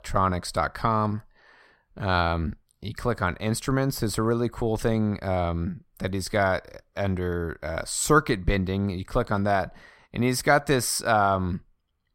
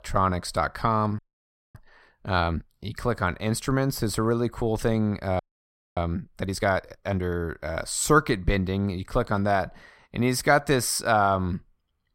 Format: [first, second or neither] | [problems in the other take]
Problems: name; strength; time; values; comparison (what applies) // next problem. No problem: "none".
first | audio freezing; at 1 s for 0.5 s and at 5.5 s for 0.5 s